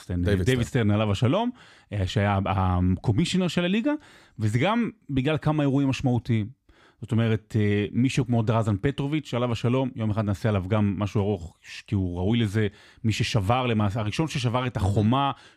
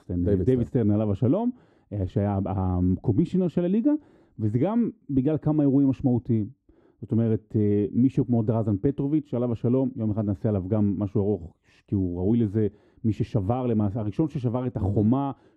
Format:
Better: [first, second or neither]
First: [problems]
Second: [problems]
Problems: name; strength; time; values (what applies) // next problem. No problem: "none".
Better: first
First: none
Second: muffled; very; fading above 1 kHz